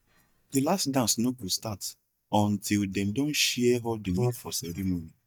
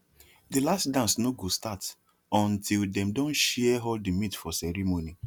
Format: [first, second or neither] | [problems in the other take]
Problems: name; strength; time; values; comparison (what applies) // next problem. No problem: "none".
second | noise reduction (neural mask model DeepFilterNet 3)